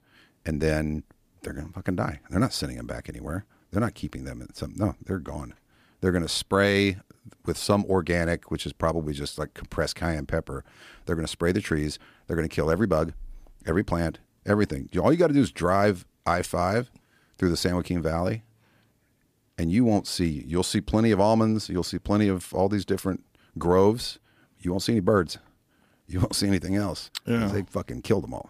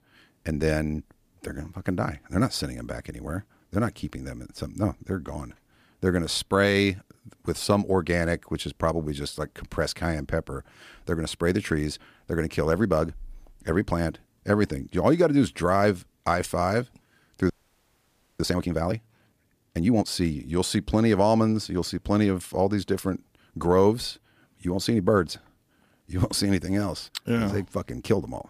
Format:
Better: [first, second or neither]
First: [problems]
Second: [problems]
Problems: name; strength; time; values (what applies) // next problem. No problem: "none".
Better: first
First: none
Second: audio freezing; at 18 s for 1 s